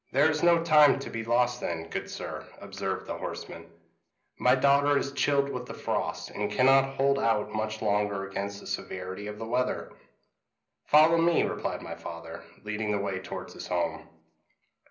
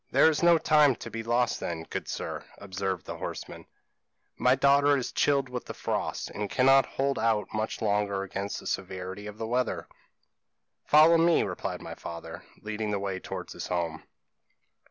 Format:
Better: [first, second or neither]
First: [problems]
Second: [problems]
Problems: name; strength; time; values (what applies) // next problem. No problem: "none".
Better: second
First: room echo; dies away in 0.5 s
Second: none